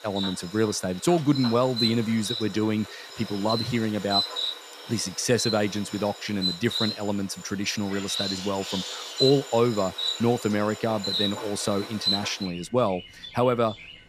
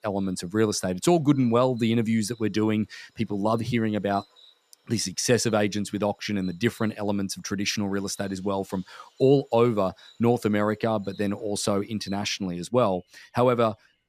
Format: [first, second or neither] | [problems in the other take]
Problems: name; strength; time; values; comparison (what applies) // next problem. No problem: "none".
second | animal sounds; loud; throughout; 4 dB below the speech; faint in the second